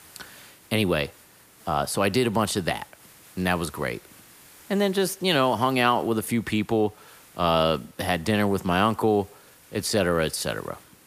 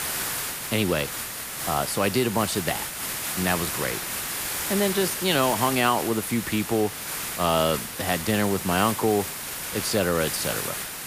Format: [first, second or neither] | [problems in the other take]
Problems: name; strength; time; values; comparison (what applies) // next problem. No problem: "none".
first | hiss; loud; throughout; 4 dB below the speech; faint in the first